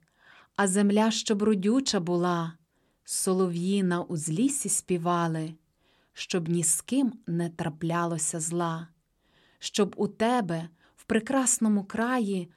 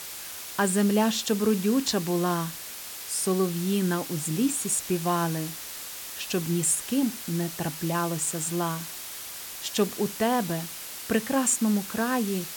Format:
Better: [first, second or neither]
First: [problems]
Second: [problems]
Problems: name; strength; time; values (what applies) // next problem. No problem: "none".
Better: first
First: none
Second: hiss; loud; throughout; 9 dB below the speech